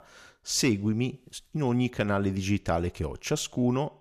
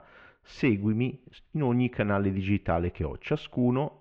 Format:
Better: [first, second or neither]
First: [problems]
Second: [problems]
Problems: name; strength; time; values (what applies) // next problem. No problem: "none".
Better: first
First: none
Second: muffled; very; fading above 2.5 kHz